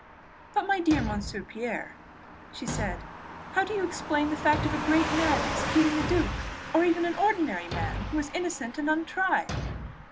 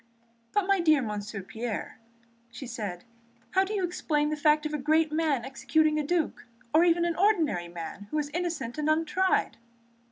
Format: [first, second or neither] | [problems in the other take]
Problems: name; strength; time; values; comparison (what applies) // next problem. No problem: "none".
second | background sound (Car passing by / Truck + Thump, thud); 5 dB below the speech